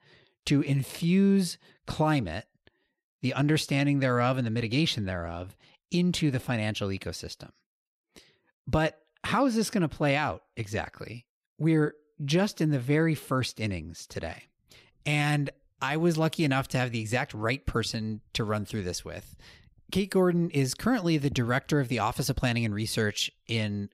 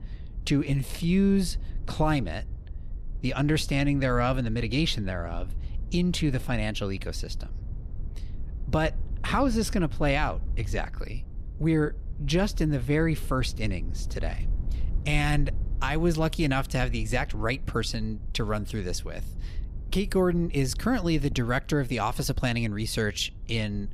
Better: first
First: none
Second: low rumble; faint; throughout; 25 dB below the speech

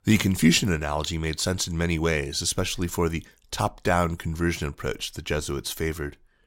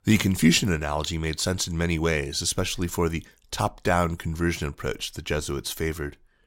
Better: neither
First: none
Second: none

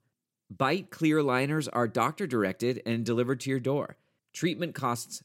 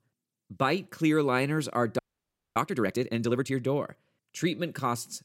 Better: first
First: none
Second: audio freezing; at 2 s for 0.5 s

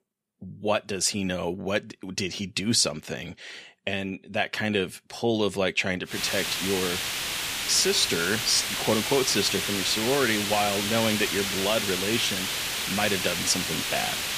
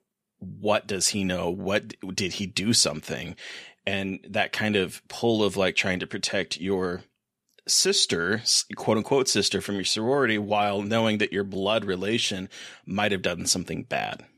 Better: second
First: hiss; loud; from 6 s on; 1 dB below the speech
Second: none

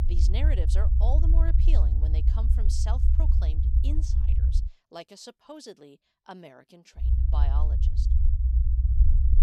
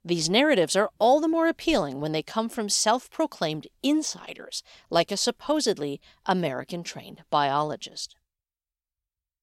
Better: second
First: low rumble; loud; until 4.5 s and from 7 s on; 3 dB below the speech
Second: none

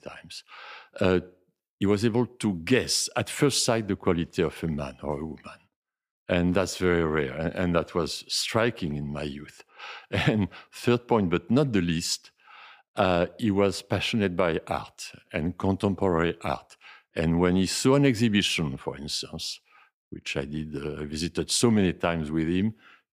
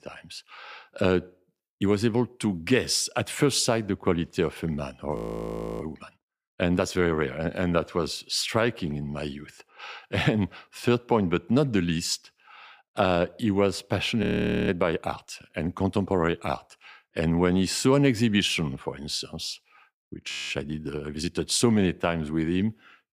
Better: first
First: none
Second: audio freezing; at 5 s for 0.5 s, at 14 s and at 20 s

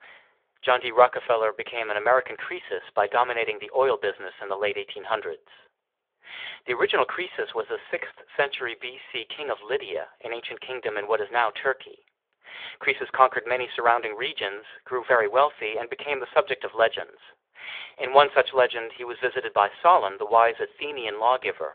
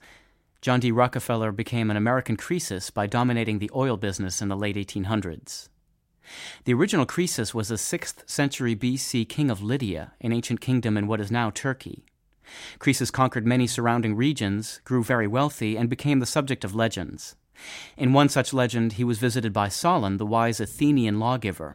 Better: second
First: phone-call audio; nothing above 3.5 kHz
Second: none

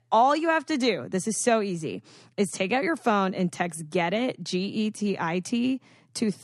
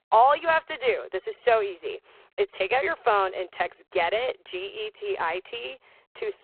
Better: first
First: none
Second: phone-call audio; poor line

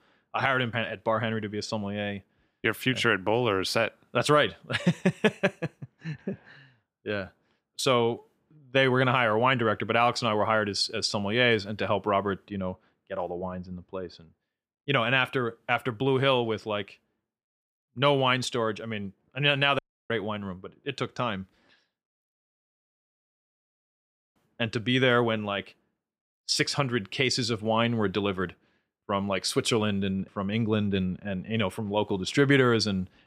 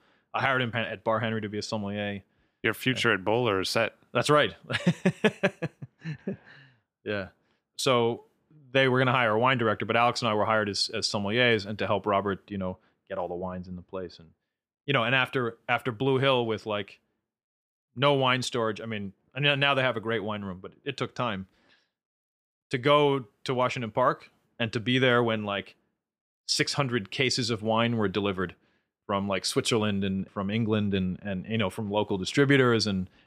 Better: second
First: audio cutting out; at 20 s and at 22 s for 2 s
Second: none

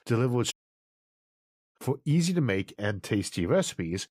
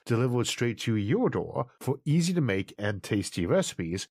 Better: second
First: audio cutting out; at 0.5 s for 1 s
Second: none

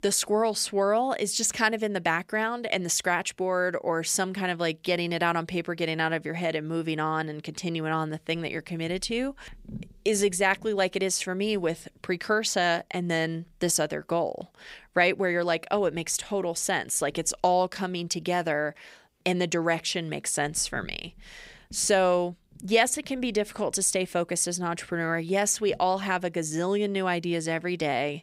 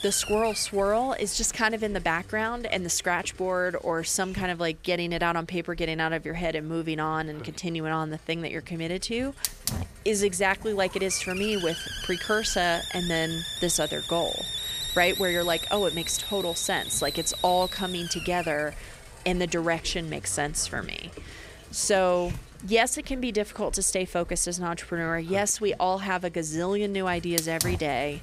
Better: first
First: none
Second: hiss; loud; throughout; 6 dB below the speech

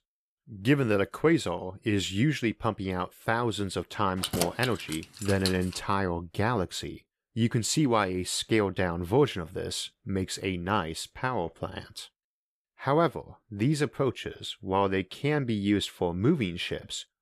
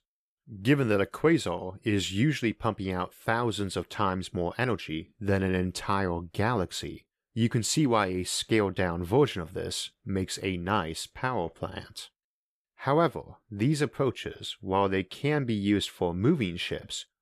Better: second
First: jangling keys; noticeable; from 4 to 5.5 s; peak 2 dB below the speech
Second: none

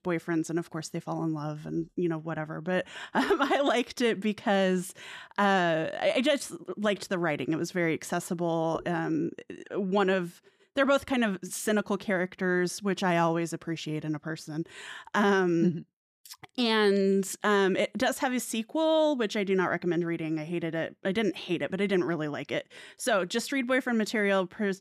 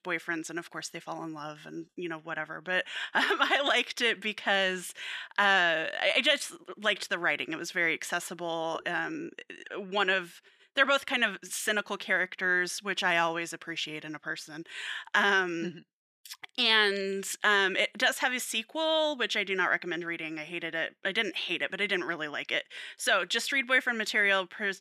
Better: first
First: none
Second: thin; somewhat; fading below 750 Hz

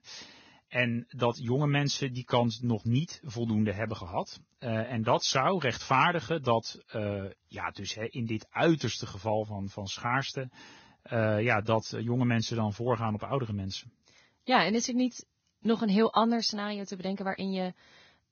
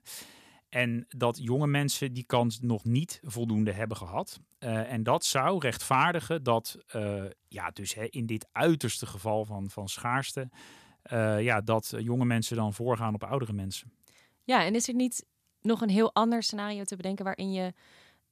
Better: second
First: garbled, watery; badly; nothing above 6.5 kHz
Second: none

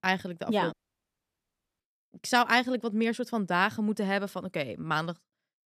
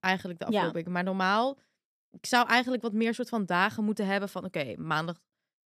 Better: second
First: audio cutting out; at 0.5 s for 1 s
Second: none

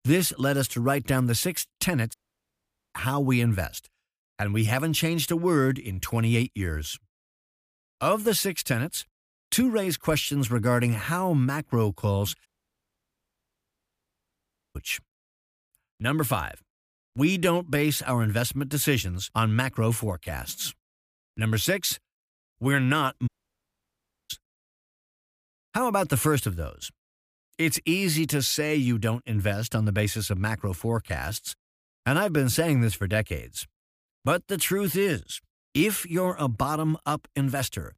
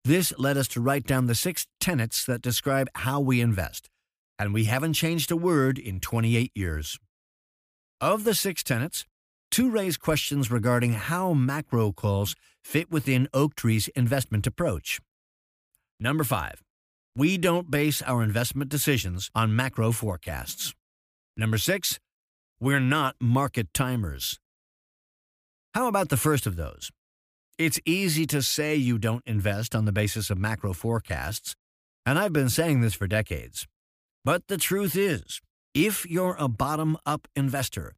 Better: second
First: audio cutting out; at 2 s for 1 s, at 12 s for 2.5 s and at 23 s for 1 s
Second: none

